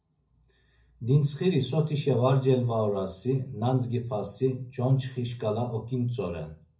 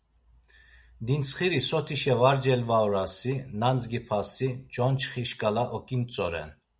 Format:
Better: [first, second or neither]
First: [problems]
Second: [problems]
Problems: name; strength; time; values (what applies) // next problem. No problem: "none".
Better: second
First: room echo; dies away in 0.4 s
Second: none